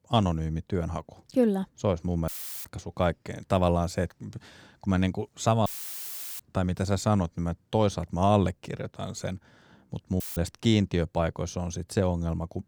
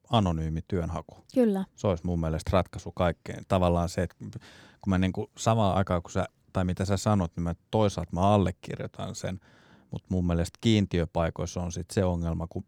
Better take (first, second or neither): second